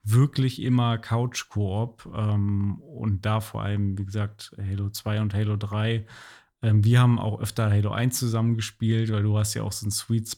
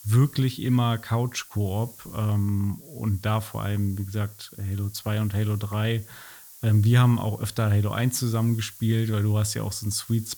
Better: first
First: none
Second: hiss; noticeable; throughout; 20 dB below the speech

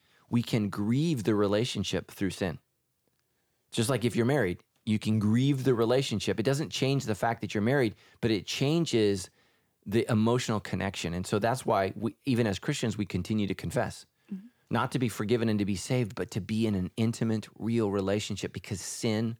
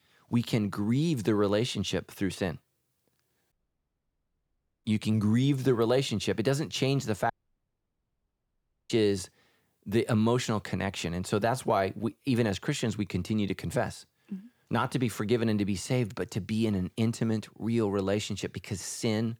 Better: first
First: none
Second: audio cutting out; at 3.5 s for 1.5 s and at 7.5 s for 1.5 s

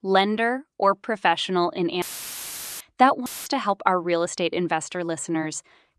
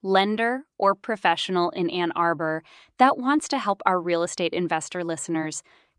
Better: second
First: audio cutting out; filled with static; at 2 s for 1 s and at 3.5 s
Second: none

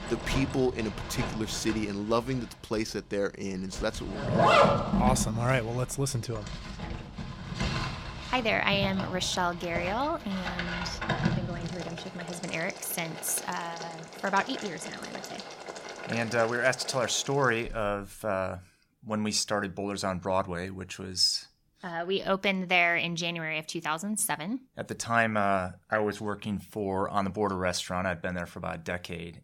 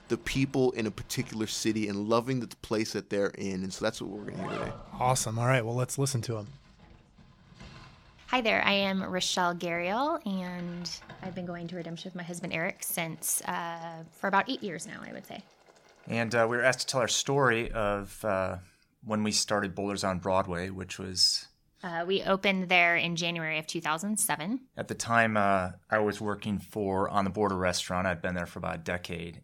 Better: second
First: household noises; loud; until 18 s; 3 dB below the speech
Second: household noises; faint; until 18 s; 20 dB below the speech

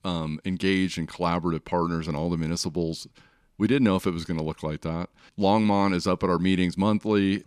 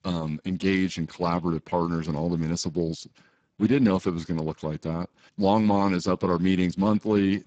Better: first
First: none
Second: garbled, watery; badly; nothing above 7.5 kHz

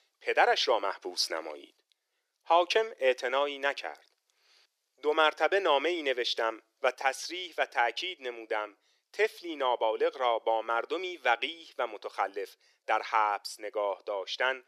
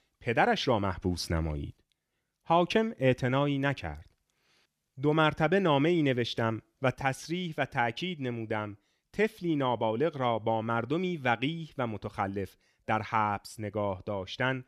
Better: second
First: thin; very; fading below 400 Hz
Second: none

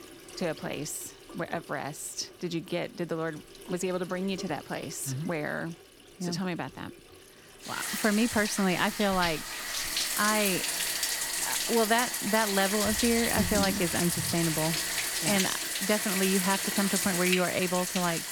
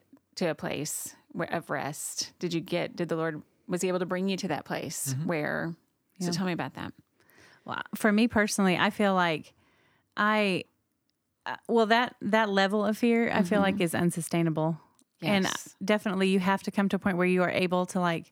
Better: second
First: household noises; very loud; throughout; 1 dB above the speech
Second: none

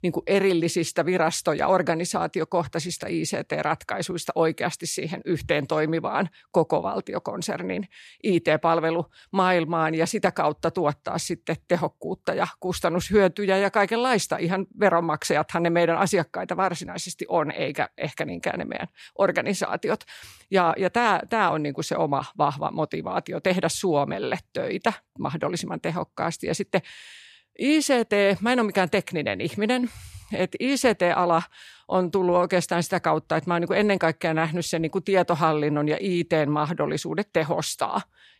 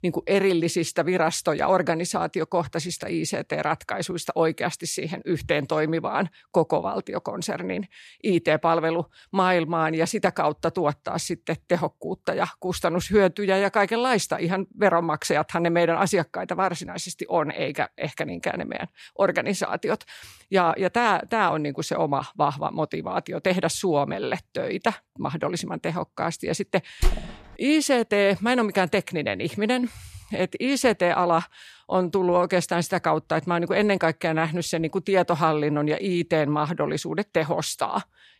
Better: first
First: none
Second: door banging; noticeable; at 27 s; peak 4 dB below the speech

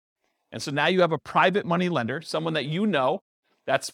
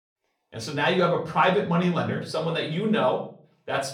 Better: first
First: none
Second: off-mic speech; far // room echo; slight; dies away in 0.4 s

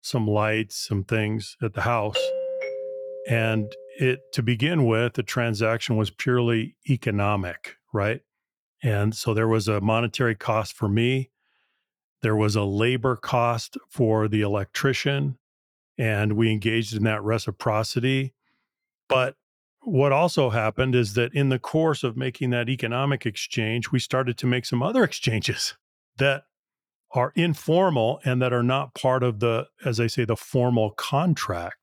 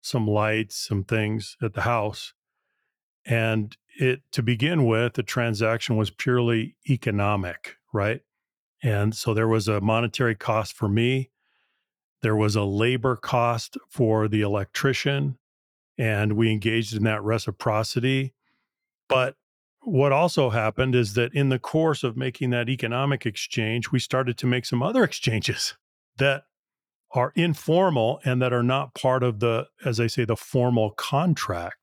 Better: second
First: doorbell; noticeable; from 2 to 3.5 s; peak 2 dB below the speech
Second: none

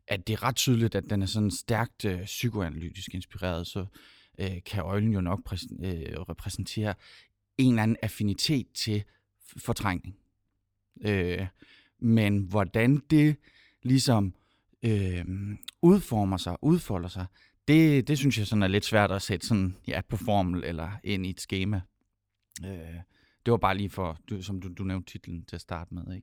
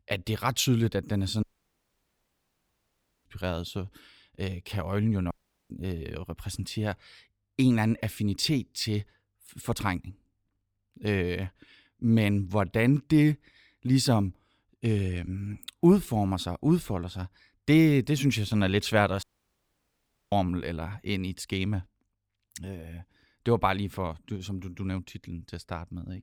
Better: first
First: none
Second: audio cutting out; at 1.5 s for 2 s, at 5.5 s and at 19 s for 1 s

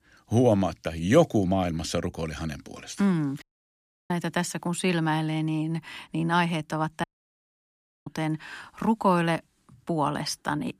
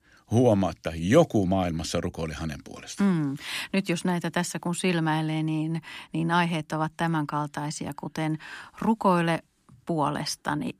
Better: second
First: audio cutting out; at 3.5 s for 0.5 s and at 7 s for 1 s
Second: none

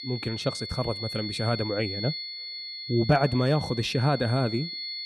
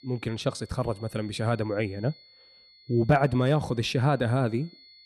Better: second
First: high-pitched whine; loud; throughout; 4.5 kHz, 7 dB below the speech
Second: high-pitched whine; faint; throughout; 4.5 kHz, 25 dB below the speech

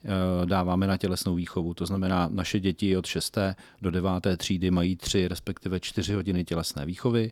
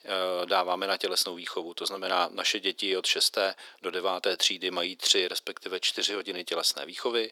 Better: first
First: none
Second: thin; very; fading below 400 Hz

